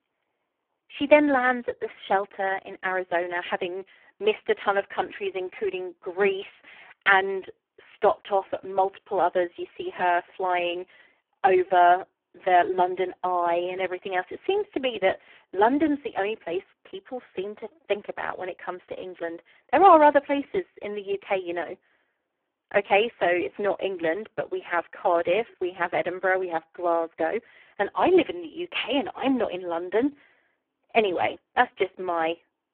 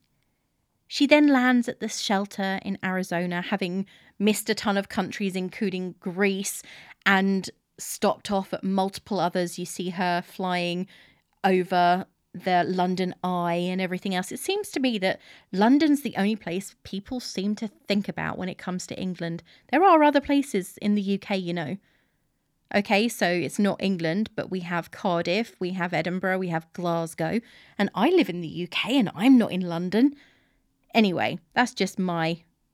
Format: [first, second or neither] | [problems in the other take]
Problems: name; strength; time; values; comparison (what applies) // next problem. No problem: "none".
second | phone-call audio; poor line